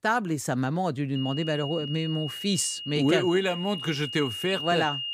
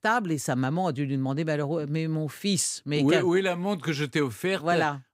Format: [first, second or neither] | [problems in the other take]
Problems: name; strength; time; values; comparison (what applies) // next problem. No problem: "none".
second | high-pitched whine; loud; from 1 s on; 3 kHz, 7 dB below the speech